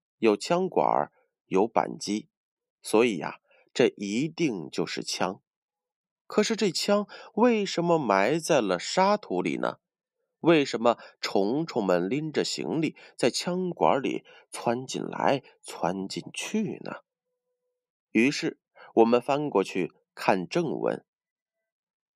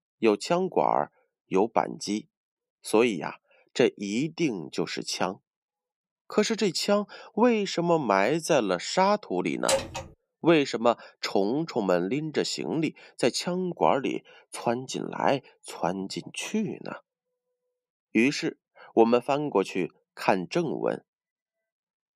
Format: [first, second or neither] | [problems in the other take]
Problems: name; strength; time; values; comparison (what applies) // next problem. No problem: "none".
first | door banging; noticeable; at 9.5 s; peak level with the speech